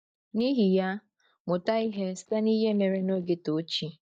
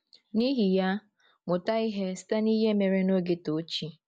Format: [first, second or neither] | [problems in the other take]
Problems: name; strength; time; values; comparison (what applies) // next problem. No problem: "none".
second | noise reduction (neural mask model DeepFilterNet 3)